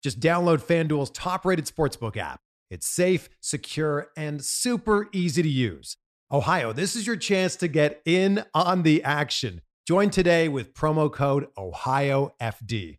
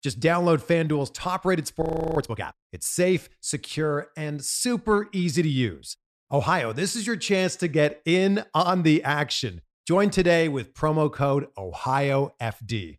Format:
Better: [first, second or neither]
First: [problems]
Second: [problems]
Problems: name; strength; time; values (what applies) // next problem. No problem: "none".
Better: first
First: none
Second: audio freezing; at 2 s